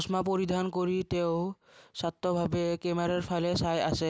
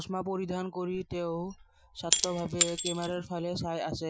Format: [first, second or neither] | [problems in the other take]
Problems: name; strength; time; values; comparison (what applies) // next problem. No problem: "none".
first | noise reduction (classical method Wiener filter)